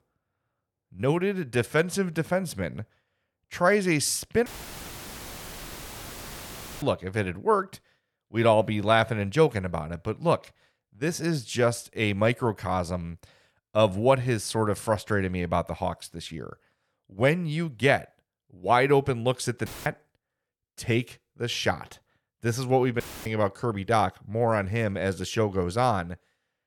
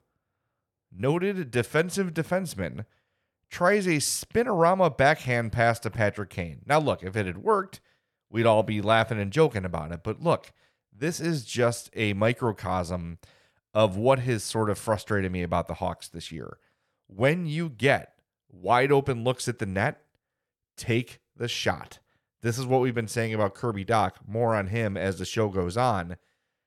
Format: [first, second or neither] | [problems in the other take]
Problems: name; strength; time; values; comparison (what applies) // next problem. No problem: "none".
second | audio cutting out; filled with static; at 4.5 s for 2.5 s, at 20 s and at 23 s